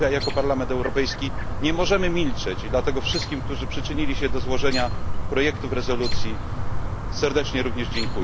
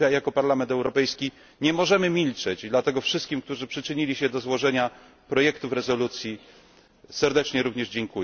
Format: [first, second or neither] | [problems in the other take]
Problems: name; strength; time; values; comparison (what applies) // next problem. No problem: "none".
second | background sound (Chirp, tweet); 2 dB above the speech